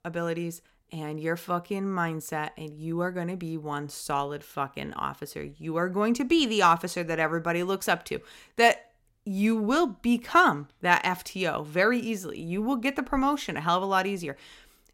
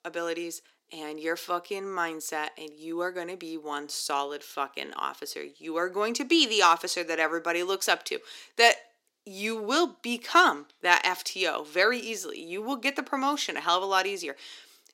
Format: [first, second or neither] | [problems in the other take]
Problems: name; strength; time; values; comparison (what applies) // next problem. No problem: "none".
first | thin; somewhat; fading below 300 Hz